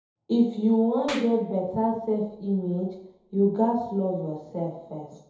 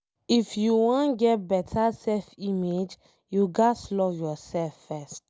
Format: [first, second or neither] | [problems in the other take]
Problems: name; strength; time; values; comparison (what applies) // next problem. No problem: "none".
second | background sound (Clapping); 20 dB below the speech // room echo; dies away in 0.8 s